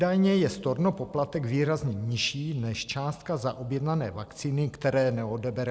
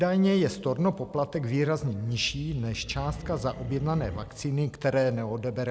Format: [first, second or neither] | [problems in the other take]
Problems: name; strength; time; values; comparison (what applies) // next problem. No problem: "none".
first | background sound (Animal); 13 dB below the speech